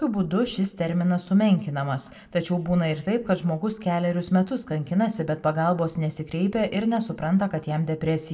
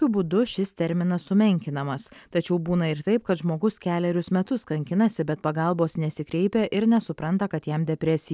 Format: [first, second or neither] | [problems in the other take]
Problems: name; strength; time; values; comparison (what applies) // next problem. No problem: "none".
second | room echo; dies away in 0.3 s